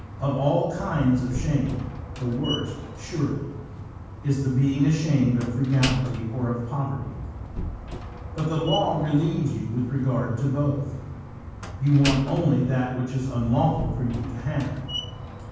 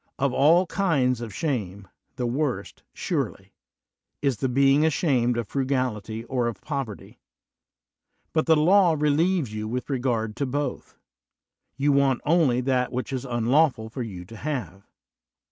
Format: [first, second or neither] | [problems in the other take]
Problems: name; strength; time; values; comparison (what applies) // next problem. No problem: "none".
second | background sound (Slam); 10 dB below the speech // room echo; dies away in 1.2 s